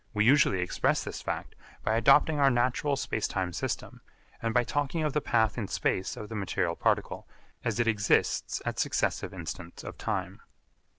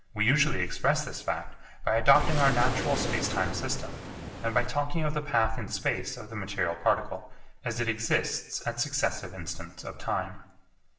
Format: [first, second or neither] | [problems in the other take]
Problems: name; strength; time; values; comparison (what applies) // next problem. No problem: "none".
first | background sound (Waves, surf); 5 dB below the speech // room echo; dies away in 0.7 s